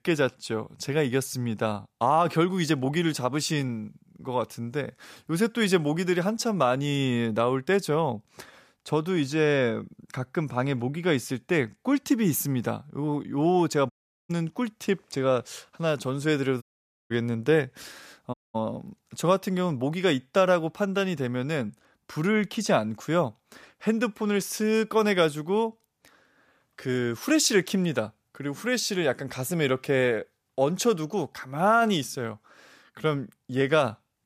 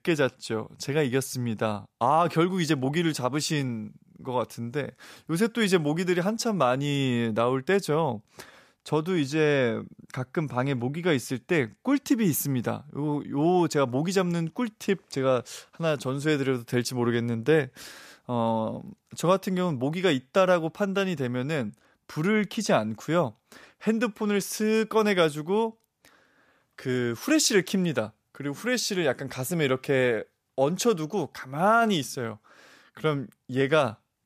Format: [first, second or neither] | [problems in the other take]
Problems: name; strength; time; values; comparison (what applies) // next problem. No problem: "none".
second | audio cutting out; at 14 s, at 17 s and at 18 s